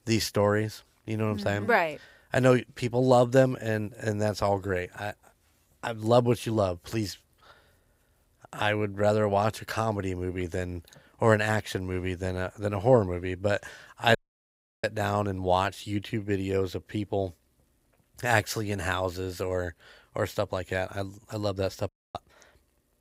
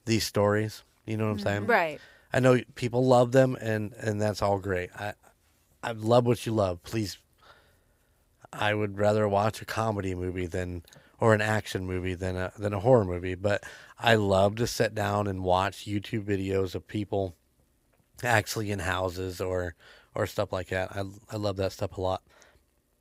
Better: second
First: audio cutting out; at 14 s for 0.5 s and at 22 s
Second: none

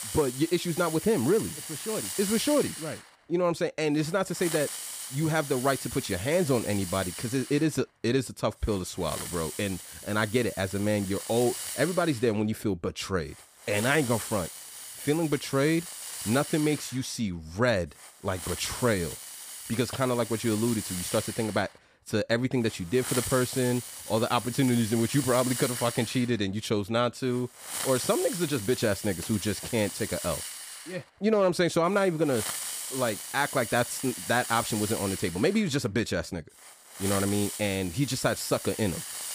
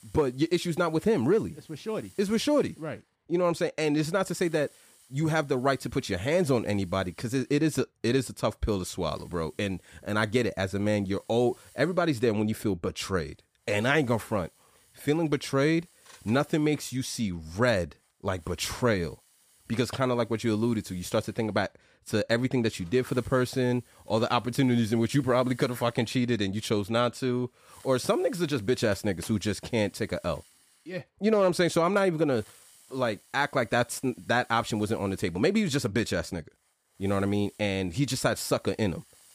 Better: second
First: hiss; loud; throughout; 7 dB below the speech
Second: hiss; faint; throughout; 30 dB below the speech

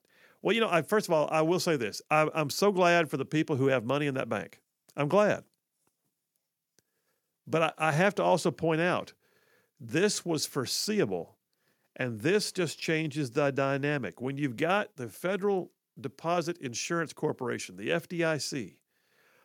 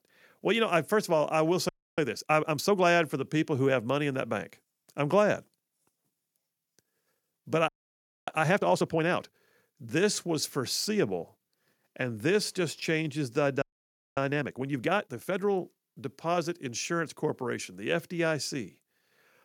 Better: first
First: none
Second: audio freezing; at 1.5 s, at 7.5 s for 0.5 s and at 14 s for 0.5 s

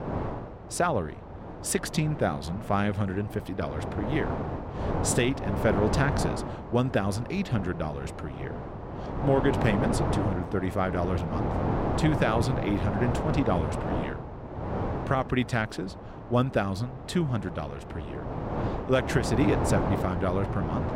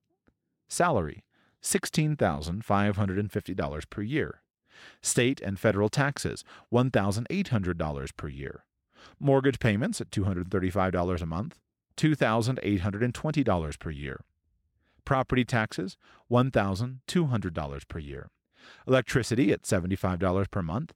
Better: second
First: wind noise on the microphone; heavy; 4 dB below the speech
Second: none

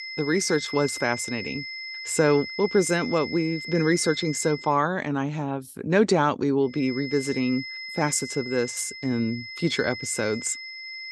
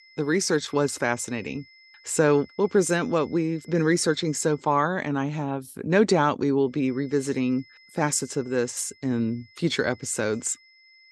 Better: second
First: high-pitched whine; loud; until 4.5 s and from 7 s on; 2 kHz, 9 dB below the speech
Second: high-pitched whine; faint; until 4.5 s and from 7 s on; 2 kHz, 25 dB below the speech

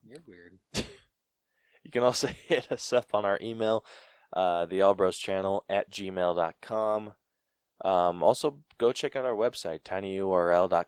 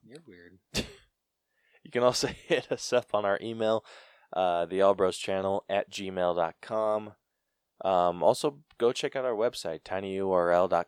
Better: second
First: garbled, watery; slightly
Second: none

